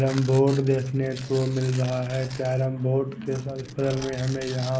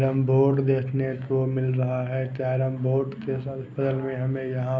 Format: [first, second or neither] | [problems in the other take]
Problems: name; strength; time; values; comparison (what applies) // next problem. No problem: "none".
second | background sound (Tearing); 18 dB below the speech